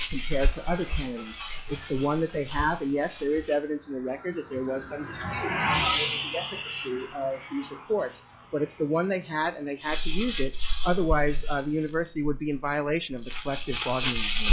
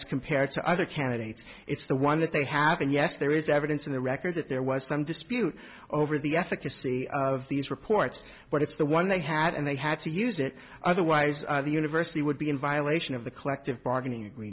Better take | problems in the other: second | noise reduction (classical method log-MMSE)

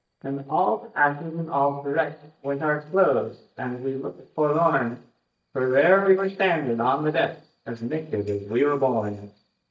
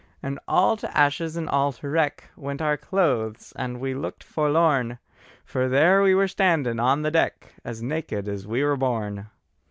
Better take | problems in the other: second | noise reduction (neural mask model DeepFilterNet 3)

